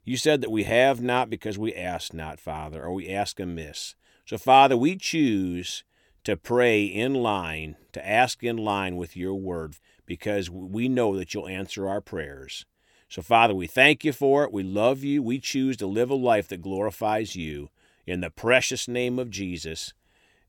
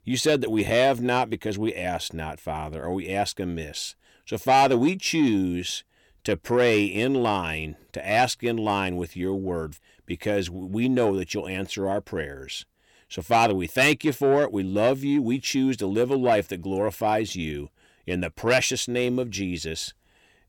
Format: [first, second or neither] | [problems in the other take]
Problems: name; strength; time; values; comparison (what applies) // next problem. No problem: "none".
first | distortion; slight; 10 dB below the speech